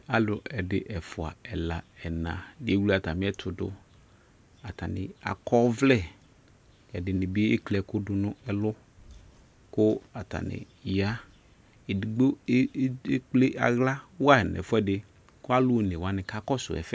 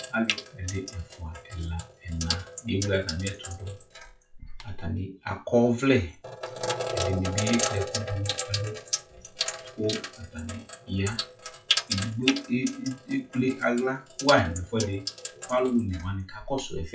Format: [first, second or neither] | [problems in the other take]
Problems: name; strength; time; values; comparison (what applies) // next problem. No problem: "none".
first | noise reduction (classical method WPE with log-MMSE)